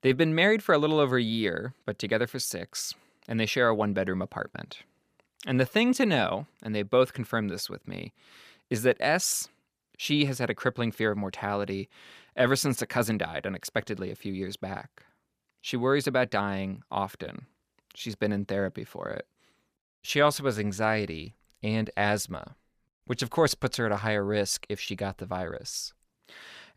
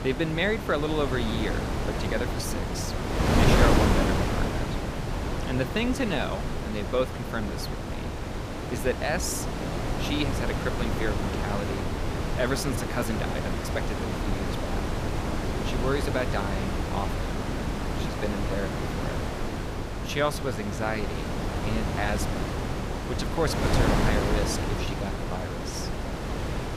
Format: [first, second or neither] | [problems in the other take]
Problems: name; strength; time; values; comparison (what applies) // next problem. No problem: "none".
first | wind noise on the microphone; heavy; as loud as the speech